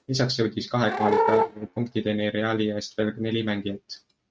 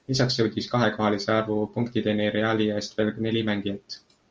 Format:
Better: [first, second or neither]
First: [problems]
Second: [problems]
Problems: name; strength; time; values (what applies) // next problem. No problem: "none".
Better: second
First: noise reduction (neural mask model RNNoise)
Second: none